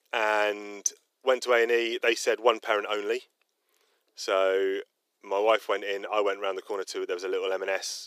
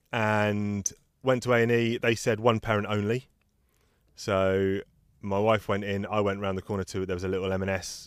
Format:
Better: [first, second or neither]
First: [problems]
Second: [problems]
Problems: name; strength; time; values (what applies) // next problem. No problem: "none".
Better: second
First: thin; very; fading below 350 Hz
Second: none